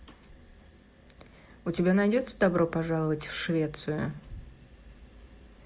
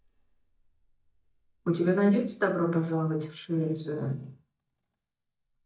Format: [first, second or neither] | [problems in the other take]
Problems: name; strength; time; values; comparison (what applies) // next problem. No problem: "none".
first | noise reduction (neural mask model DeepFilterNet 3)